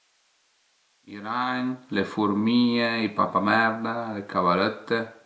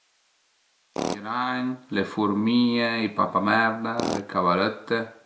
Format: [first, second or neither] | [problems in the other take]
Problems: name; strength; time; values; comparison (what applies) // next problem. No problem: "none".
first | background sound (Tools); 12 dB below the speech